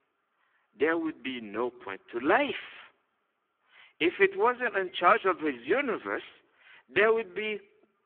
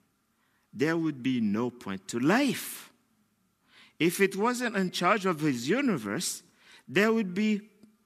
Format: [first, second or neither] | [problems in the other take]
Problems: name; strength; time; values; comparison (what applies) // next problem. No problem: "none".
second | phone-call audio; poor line